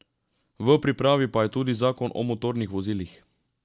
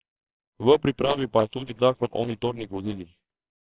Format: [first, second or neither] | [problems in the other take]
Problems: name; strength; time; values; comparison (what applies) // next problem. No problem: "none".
first | noise reduction (neural separator model SepFormer WHAMR!)